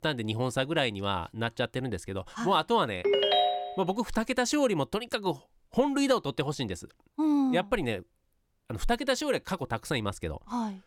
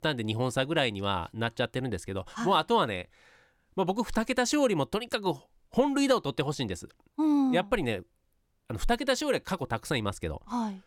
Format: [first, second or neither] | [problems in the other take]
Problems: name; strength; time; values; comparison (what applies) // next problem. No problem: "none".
second | phone ringing; loud; at 3 s; peak 6 dB above the speech